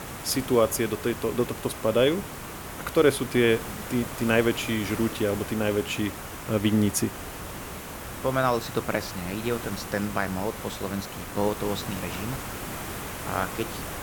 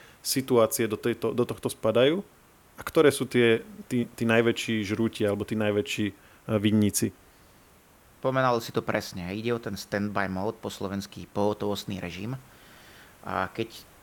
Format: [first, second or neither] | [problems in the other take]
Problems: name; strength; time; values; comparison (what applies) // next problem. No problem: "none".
second | hiss; loud; throughout; 9 dB below the speech; faint in the second